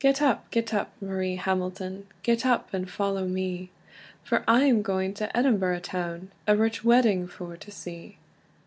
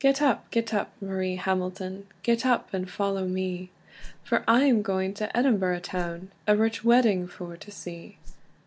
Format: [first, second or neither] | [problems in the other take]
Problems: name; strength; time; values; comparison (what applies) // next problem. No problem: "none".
first | background sound (Whoosh, swoosh, swish); 12 dB below the speech